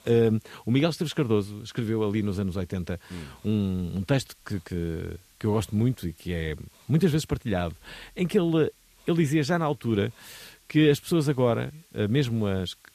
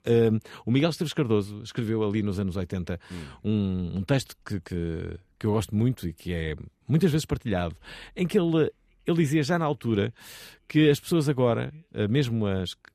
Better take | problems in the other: second | hiss; faint; throughout; 30 dB below the speech

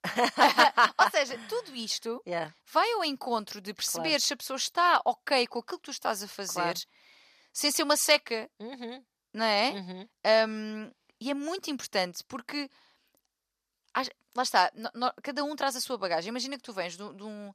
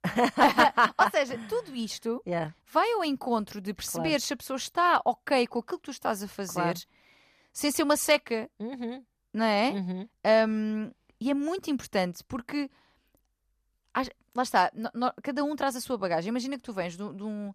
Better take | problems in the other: second | thin; very slightly; fading below 550 Hz

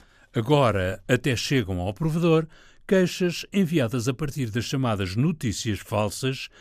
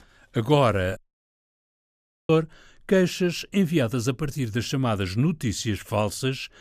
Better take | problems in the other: first | audio cutting out; at 1 s for 1.5 s

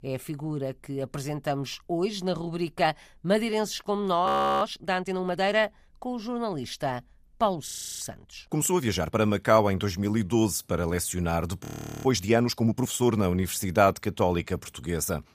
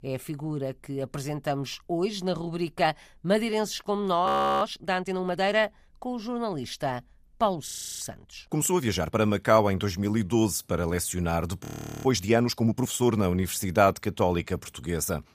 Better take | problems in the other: neither | audio freezing; at 4.5 s, at 7.5 s and at 12 s; the same in both

